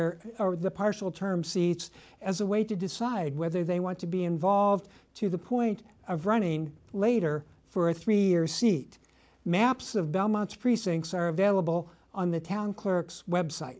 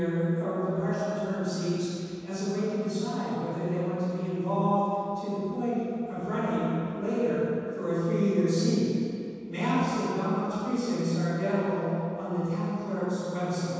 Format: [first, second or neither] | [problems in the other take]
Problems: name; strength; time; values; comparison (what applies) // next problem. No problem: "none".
first | room echo; dies away in 2.1 s